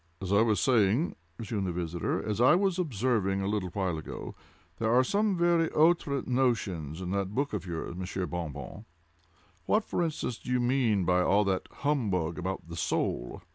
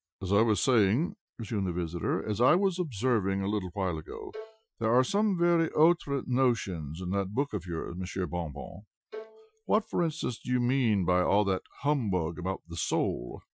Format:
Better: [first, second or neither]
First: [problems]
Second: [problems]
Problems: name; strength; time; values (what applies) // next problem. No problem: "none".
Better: first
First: none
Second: noise reduction (classical method Wiener filter)